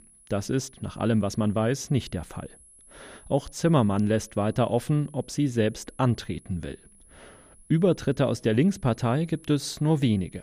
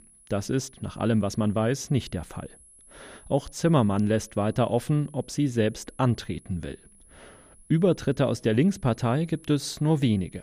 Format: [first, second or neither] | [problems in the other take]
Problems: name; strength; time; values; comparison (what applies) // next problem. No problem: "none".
neither | high-pitched whine; faint; throughout; 10.5 kHz, 25 dB below the speech; the same in both